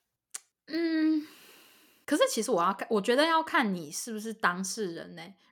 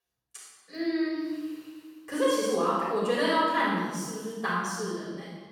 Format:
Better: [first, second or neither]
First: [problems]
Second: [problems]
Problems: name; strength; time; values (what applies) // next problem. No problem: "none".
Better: first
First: none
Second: off-mic speech; far // room echo; strong; dies away in 1.5 s